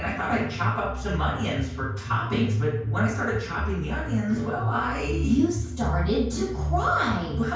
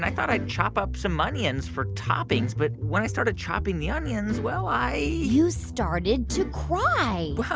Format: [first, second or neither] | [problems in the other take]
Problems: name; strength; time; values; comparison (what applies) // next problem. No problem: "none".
second | room echo; dies away in 0.5 s